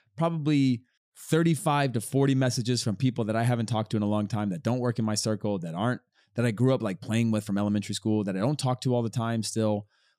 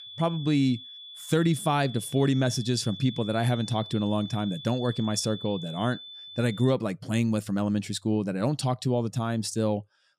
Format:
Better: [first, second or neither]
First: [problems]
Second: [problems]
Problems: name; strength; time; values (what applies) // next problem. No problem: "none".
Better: first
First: none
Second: high-pitched whine; noticeable; until 6.5 s; 3.5 kHz, 15 dB below the speech